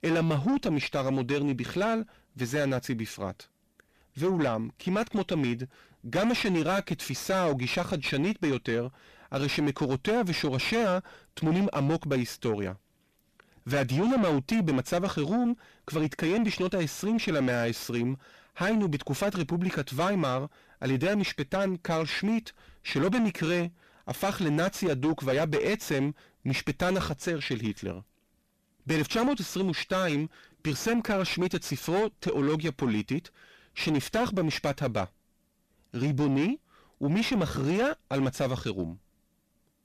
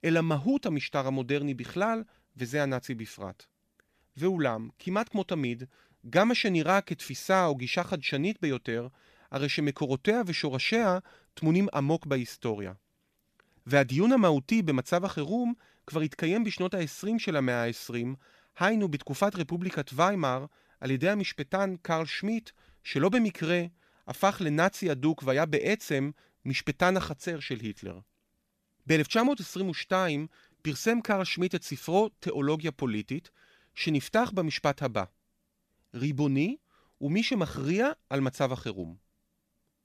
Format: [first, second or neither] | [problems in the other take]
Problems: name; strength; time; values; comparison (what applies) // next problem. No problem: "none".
second | distortion; heavy; 6 dB below the speech